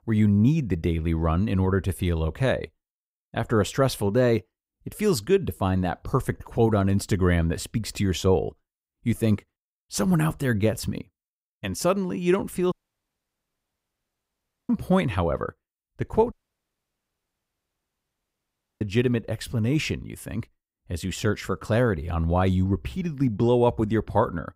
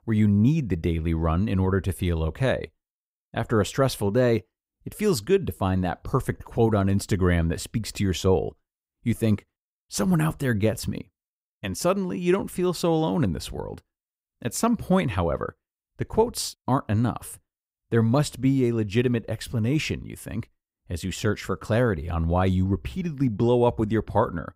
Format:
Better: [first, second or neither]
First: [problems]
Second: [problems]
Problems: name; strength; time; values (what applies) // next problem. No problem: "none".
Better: second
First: audio cutting out; at 13 s for 2 s and at 16 s for 2.5 s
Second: none